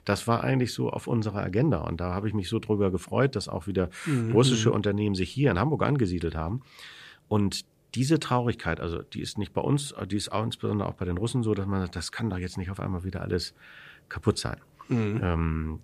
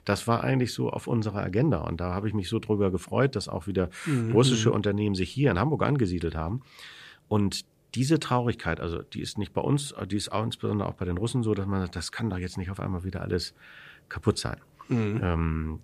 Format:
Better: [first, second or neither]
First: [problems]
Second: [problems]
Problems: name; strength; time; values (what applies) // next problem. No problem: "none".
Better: neither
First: none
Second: none